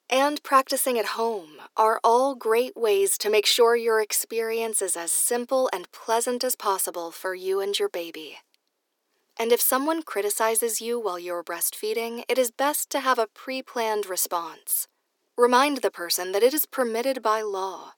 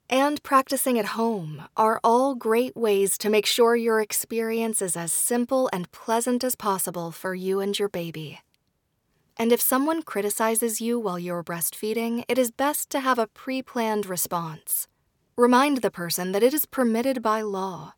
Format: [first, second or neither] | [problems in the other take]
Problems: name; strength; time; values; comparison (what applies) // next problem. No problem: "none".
second | thin; somewhat; fading below 300 Hz